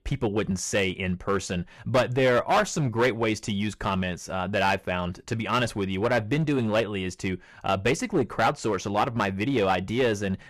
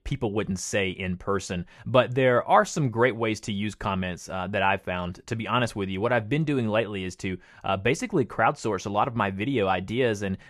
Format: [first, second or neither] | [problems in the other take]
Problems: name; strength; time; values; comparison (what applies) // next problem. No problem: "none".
second | distortion; slight; 6% of the sound clipped